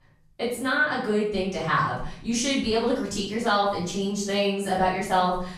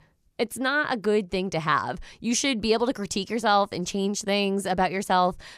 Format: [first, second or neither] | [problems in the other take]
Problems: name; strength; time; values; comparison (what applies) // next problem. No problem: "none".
second | off-mic speech; far // room echo; noticeable; dies away in 0.6 s